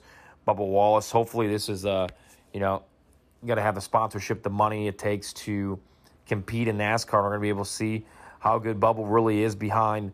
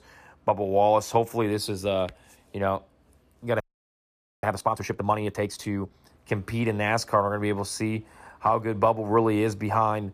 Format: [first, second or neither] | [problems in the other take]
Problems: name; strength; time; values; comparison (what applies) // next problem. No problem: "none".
first | audio freezing; at 3.5 s for 1 s